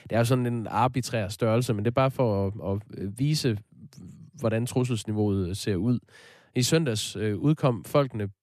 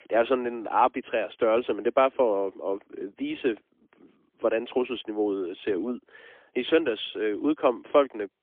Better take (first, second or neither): first